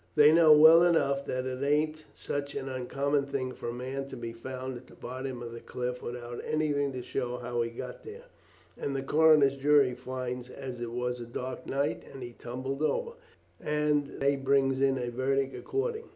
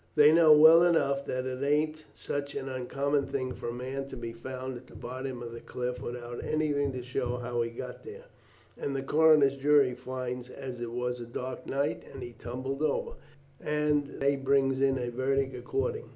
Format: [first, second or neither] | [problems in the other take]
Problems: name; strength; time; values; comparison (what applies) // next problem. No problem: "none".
first | background sound (Tap); 18 dB below the speech